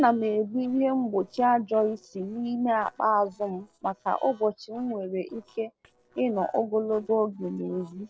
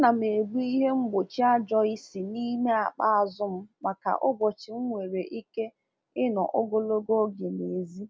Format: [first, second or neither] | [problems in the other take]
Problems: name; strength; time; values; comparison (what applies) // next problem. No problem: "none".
second | noise reduction (neural separator model SepFormer DNS4)